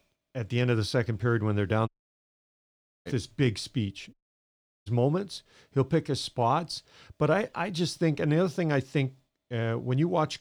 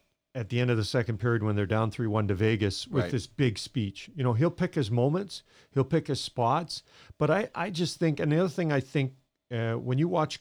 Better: second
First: audio cutting out; at 2 s for 1 s and at 4 s for 0.5 s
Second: none

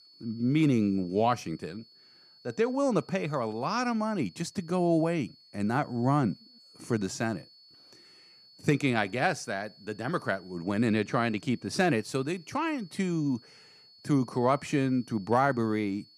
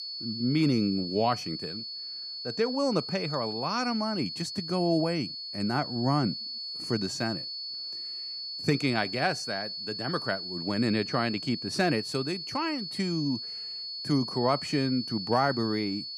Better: first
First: high-pitched whine; faint; throughout; 4.5 kHz, 25 dB below the speech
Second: high-pitched whine; loud; throughout; 4.5 kHz, 5 dB below the speech

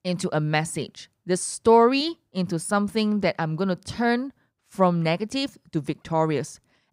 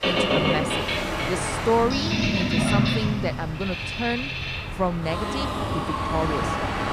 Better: first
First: none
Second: train or aircraft noise; very loud; throughout; 3 dB above the speech

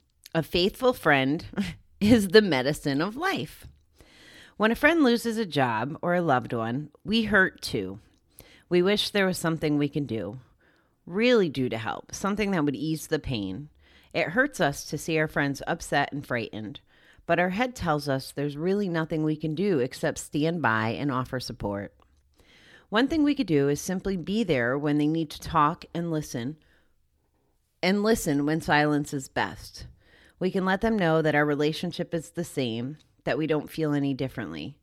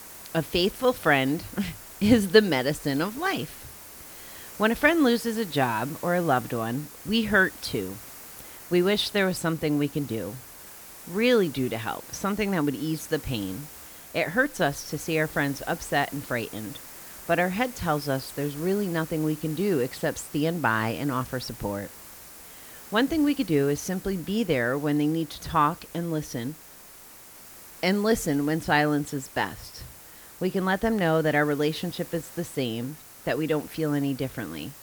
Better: first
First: none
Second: hiss; noticeable; throughout; 15 dB below the speech

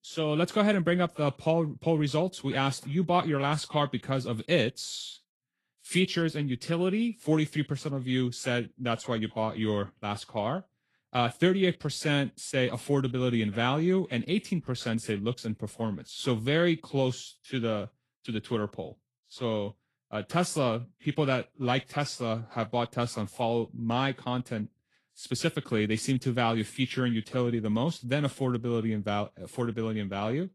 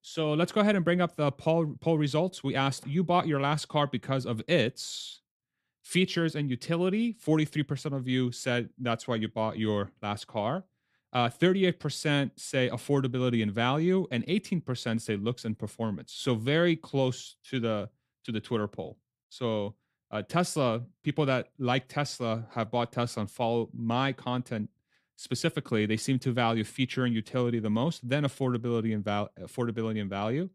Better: second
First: garbled, watery; slightly; nothing above 11.5 kHz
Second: none

